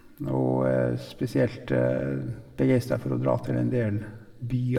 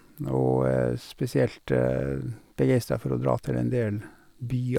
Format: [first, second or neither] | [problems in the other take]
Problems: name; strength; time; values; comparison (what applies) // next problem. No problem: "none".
second | room echo; dies away in 1 s